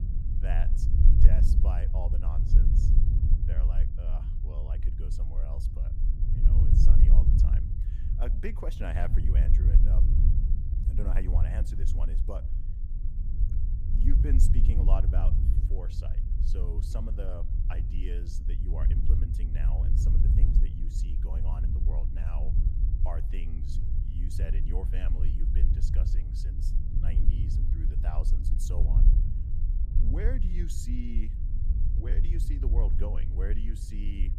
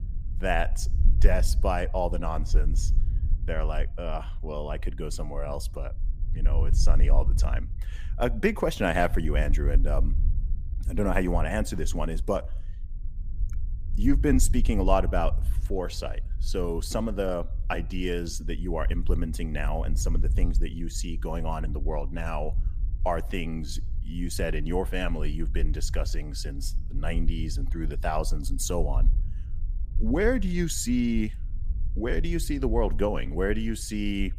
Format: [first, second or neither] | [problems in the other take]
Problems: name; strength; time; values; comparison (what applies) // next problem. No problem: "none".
second | low rumble; loud; throughout; 1 dB below the speech; faint in the second